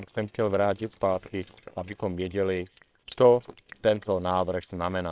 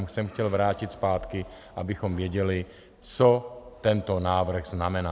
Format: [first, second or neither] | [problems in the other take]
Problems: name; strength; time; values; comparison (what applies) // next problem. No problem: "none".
second | noise reduction (neural separator model SepFormer WHAMR!)